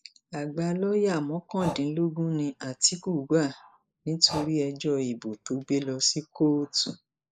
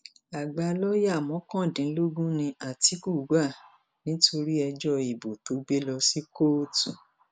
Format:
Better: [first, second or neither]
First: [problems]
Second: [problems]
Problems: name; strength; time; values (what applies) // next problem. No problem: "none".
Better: second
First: noise reduction (neural mask model Resemble Enhance denoiser)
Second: none